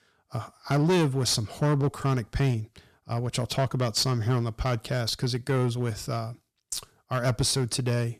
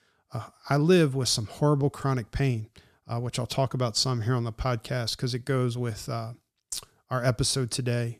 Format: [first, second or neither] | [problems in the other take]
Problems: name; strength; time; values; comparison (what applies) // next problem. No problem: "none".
second | distortion; slight; 6% of the sound clipped